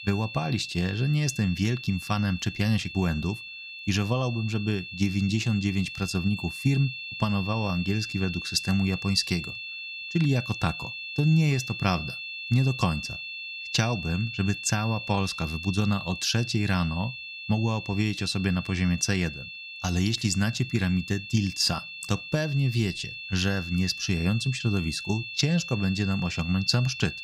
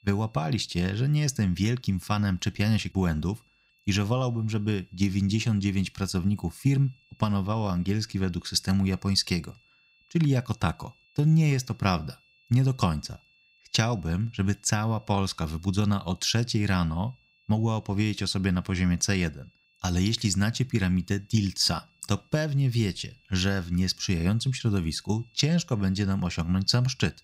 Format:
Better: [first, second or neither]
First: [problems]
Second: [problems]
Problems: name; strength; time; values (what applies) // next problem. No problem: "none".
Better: second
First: high-pitched whine; loud; throughout; 2.5 kHz, 8 dB below the speech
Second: high-pitched whine; faint; throughout; 2.5 kHz, 35 dB below the speech